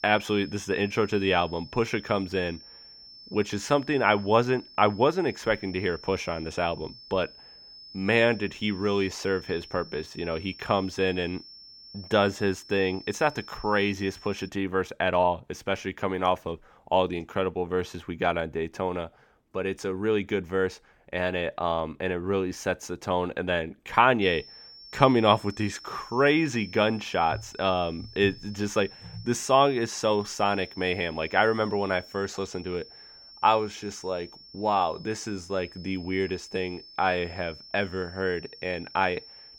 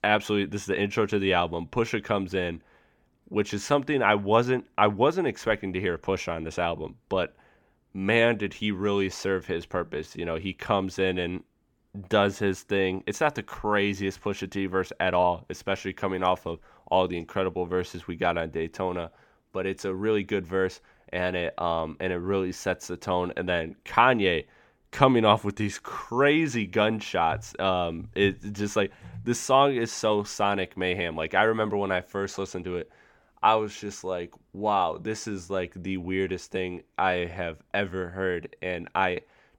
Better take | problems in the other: second | high-pitched whine; noticeable; until 14 s and from 24 s on; 5.5 kHz, 20 dB below the speech

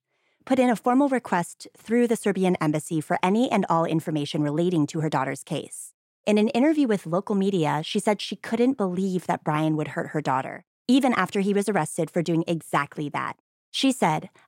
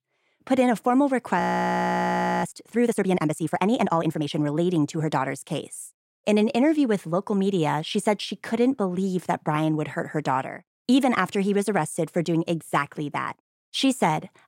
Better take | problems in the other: first | audio freezing; at 1.5 s for 1 s

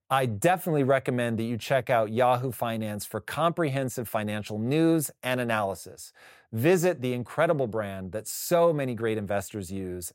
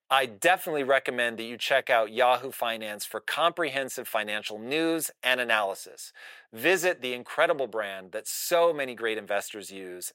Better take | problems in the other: first | thin; somewhat; fading below 450 Hz

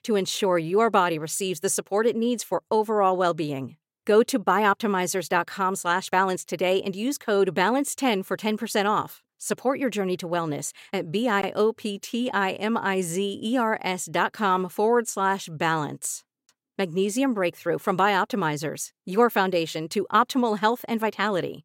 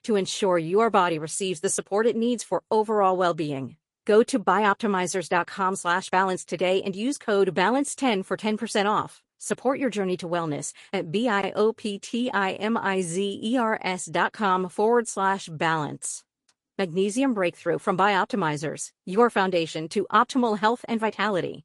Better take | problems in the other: first | garbled, watery; slightly; nothing above 11 kHz

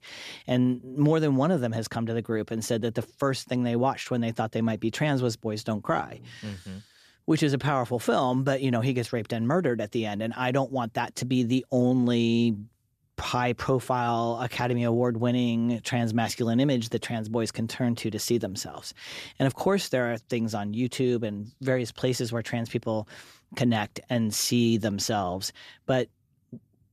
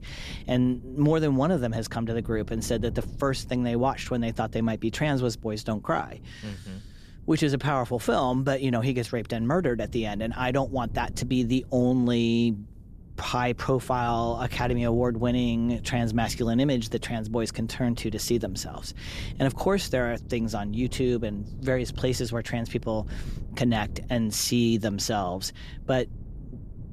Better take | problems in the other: first | wind noise on the microphone; occasional gusts; 25 dB below the speech

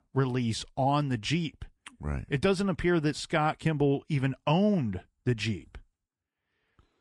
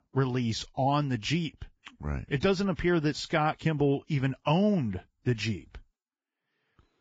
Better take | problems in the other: first | garbled, watery; badly; nothing above 7.5 kHz; slightly in the first

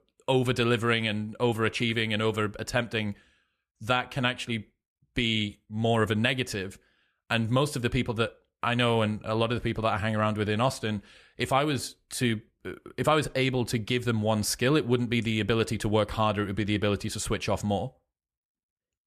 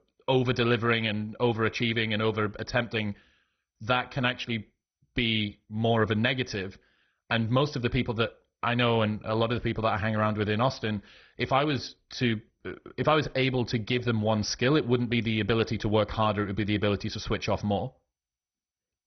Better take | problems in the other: first | garbled, watery; badly; nothing above 6 kHz

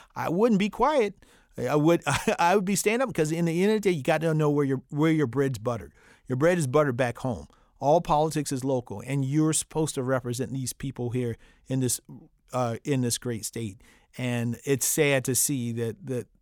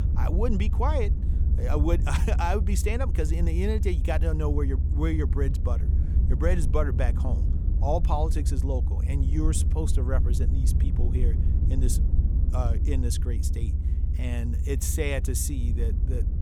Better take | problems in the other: first | low rumble; loud; throughout; 9 dB below the speech

